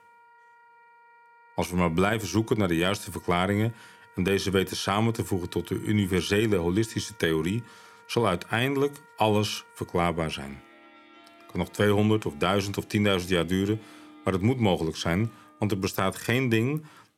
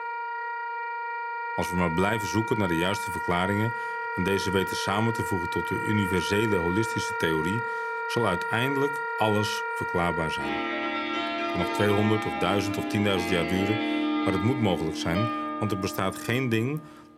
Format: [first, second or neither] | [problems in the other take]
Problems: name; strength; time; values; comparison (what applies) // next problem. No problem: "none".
first | background music; loud; throughout; 2 dB below the speech; faint in the first